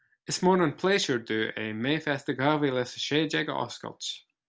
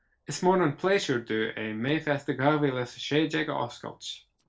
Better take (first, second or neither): first